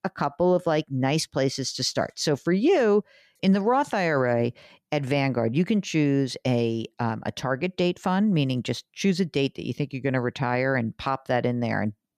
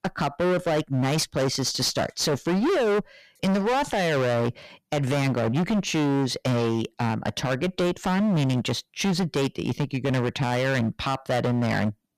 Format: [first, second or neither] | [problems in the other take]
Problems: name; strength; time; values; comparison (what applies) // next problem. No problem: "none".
first | distortion; heavy; 28% of the sound clipped